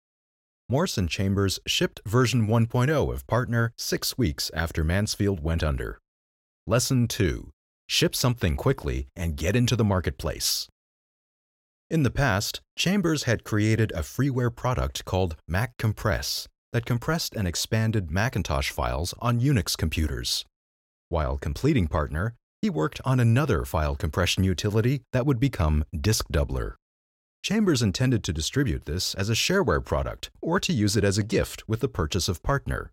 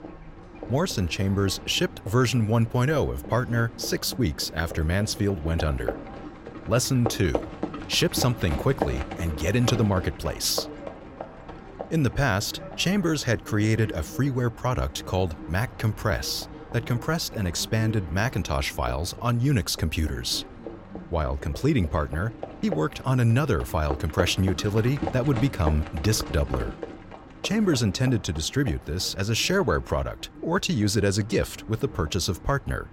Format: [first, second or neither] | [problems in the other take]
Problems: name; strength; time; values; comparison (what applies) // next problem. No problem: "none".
first | animal sounds; noticeable; throughout; 10 dB below the speech